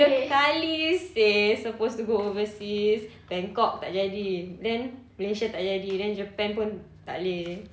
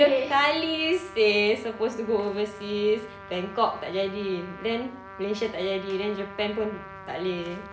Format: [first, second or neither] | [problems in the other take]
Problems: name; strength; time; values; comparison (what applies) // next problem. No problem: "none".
first | background sound (Trumpet); 17 dB below the speech